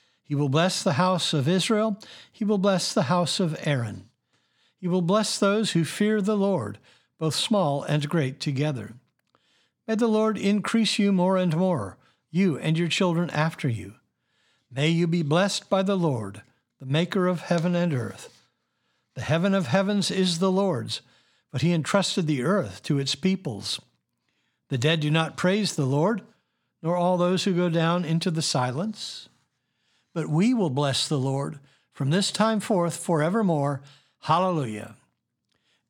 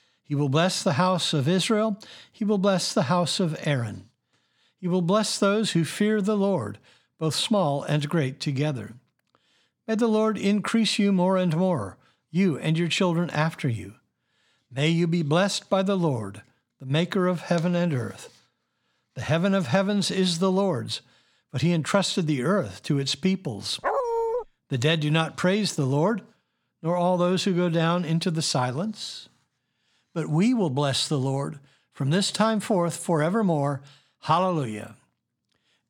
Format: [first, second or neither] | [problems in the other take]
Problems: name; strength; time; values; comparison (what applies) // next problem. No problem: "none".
first | dog barking; noticeable; at 24 s; peak 1 dB below the speech